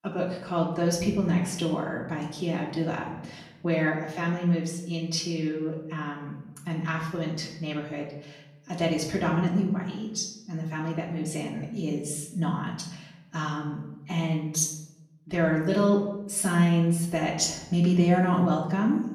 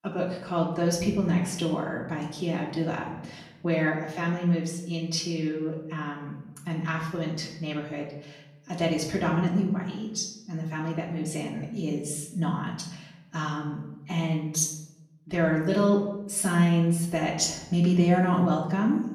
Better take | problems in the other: neither | room echo; noticeable; dies away in 0.7 s; the same in both // off-mic speech; far; the same in both

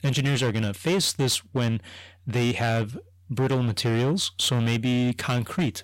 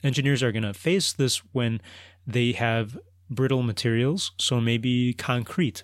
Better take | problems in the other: second | distortion; slight; 15% of the sound clipped

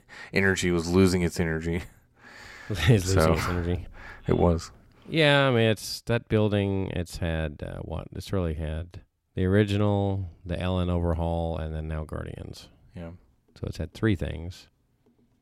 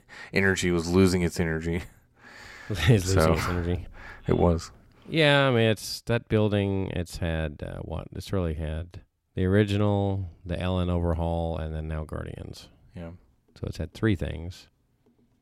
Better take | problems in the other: neither | none

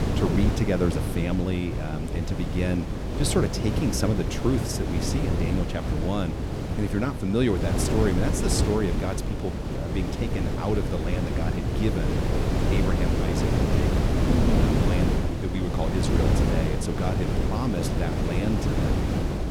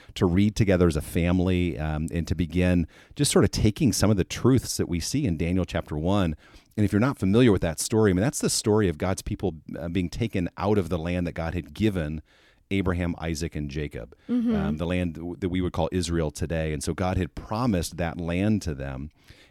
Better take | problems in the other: second | wind noise on the microphone; heavy; as loud as the speech

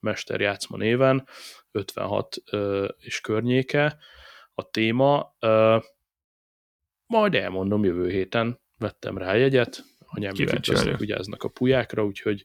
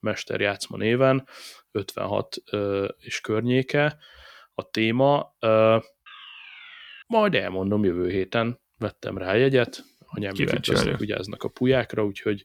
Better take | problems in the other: first | alarm; faint; at 6 s; peak 15 dB below the speech

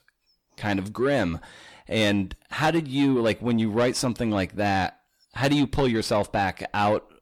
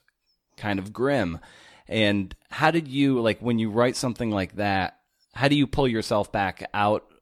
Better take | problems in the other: second | distortion; slight; 10 dB below the speech

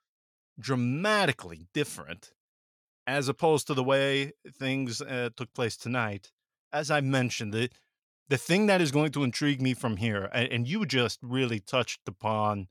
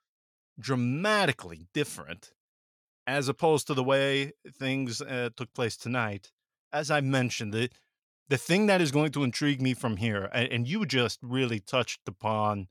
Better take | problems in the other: neither | none

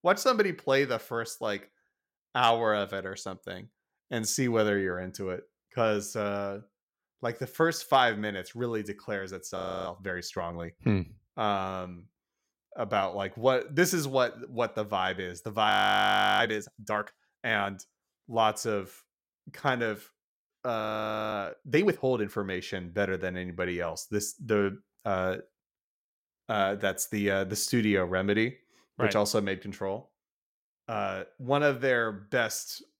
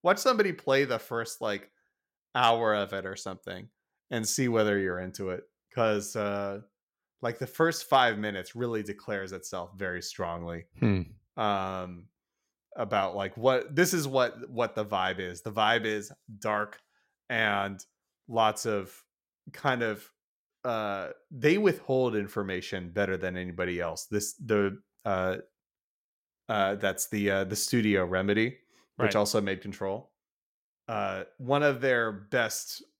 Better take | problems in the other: second | audio freezing; at 9.5 s, at 16 s for 0.5 s and at 21 s for 0.5 s

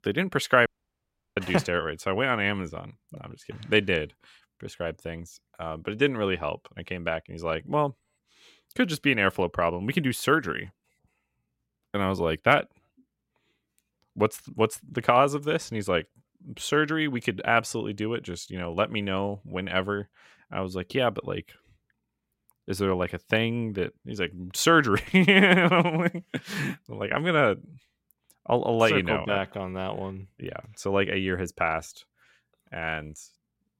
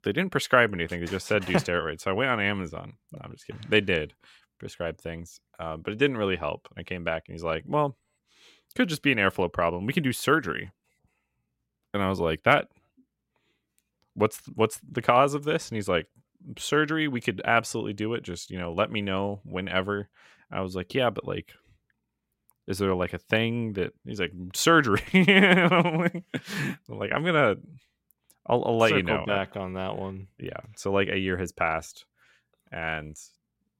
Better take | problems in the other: second | audio cutting out; at 0.5 s for 0.5 s

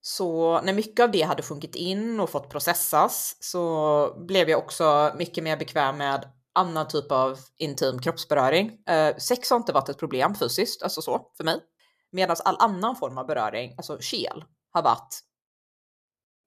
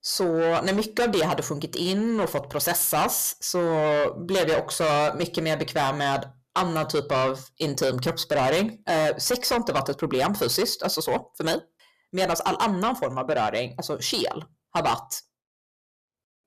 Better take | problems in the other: first | distortion; heavy; 6 dB below the speech

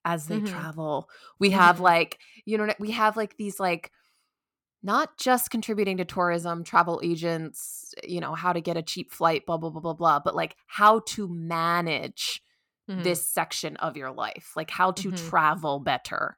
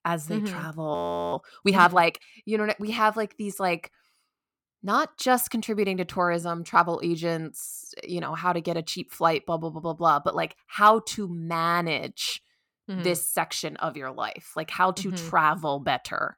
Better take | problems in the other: first | audio freezing; at 1 s

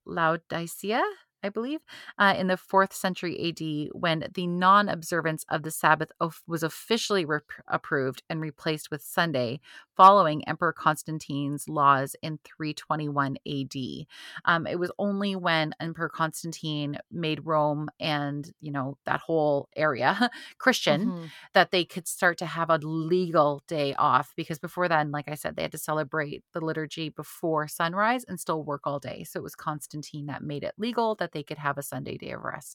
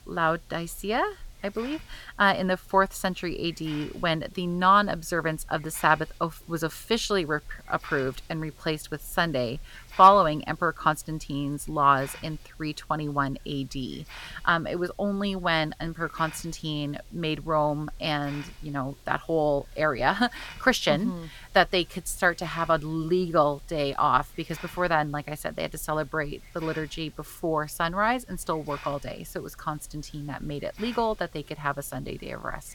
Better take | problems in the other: first | hiss; faint; throughout; 20 dB below the speech

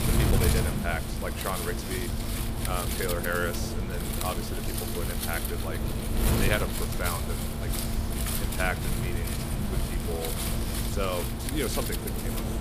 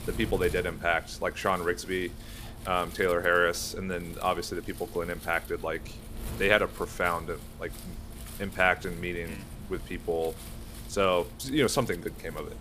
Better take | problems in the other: second | wind noise on the microphone; heavy; 1 dB below the speech; occasional gusts in the second

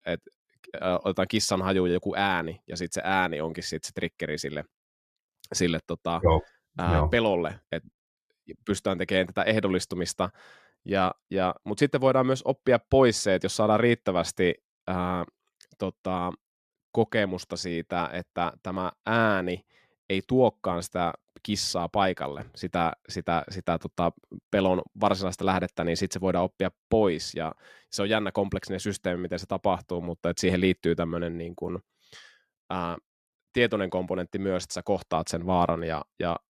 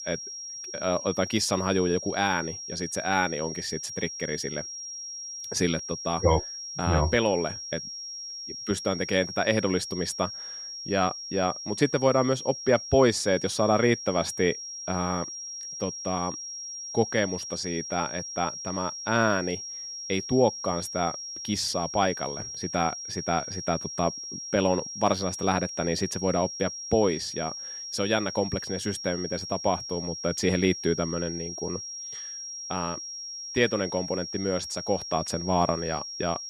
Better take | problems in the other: first | high-pitched whine; loud; throughout; 5.5 kHz, 7 dB below the speech

